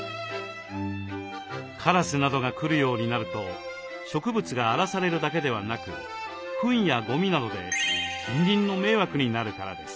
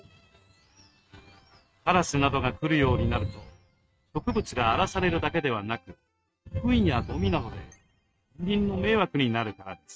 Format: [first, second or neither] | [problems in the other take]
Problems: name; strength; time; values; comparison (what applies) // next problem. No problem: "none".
first | noise reduction (neural mask model RNNoise)